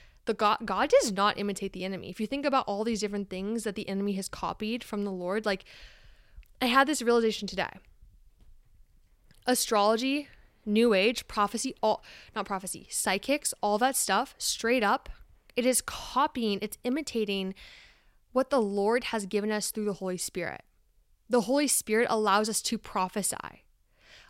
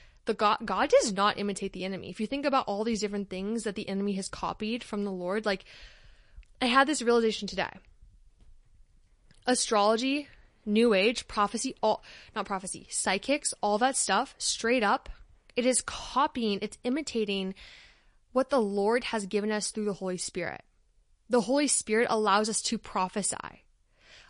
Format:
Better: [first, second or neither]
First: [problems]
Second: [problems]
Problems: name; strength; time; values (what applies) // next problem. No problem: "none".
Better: first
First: none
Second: garbled, watery; slightly; nothing above 10.5 kHz